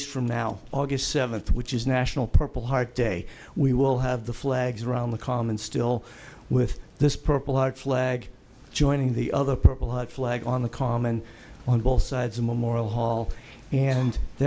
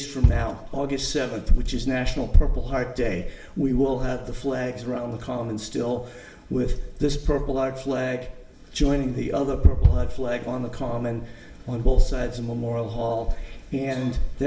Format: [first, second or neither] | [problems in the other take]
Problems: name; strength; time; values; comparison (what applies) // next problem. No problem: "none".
first | background sound (Bass drum); 3 dB below the speech // room echo; dies away in 0.8 s